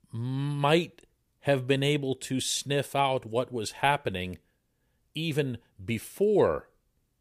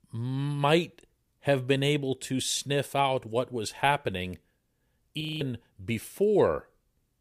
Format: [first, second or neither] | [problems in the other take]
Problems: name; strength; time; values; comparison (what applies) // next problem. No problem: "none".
first | audio freezing; at 5 s